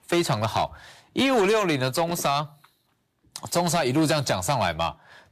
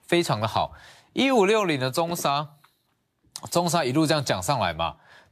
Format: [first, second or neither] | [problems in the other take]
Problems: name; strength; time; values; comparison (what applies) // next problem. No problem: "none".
second | distortion; slight; 6% of the sound clipped